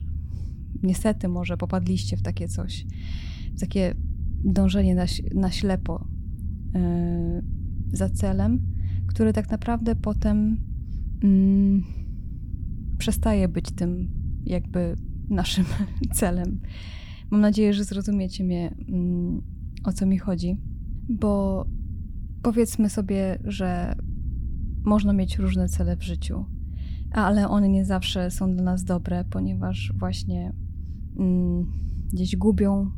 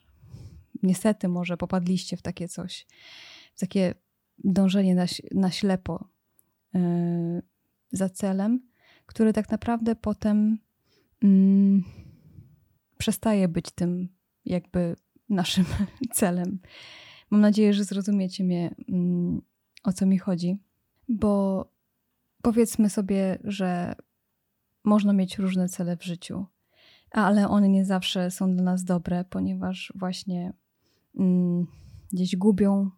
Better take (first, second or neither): second